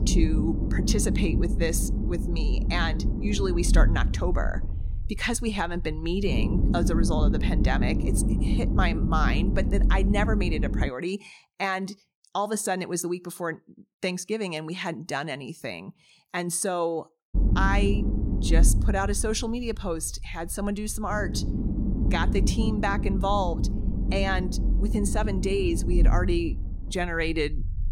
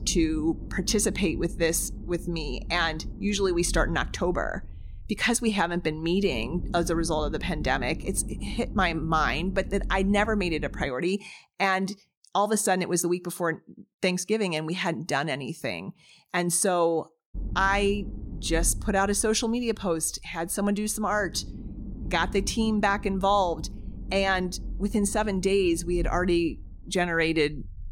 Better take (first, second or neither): second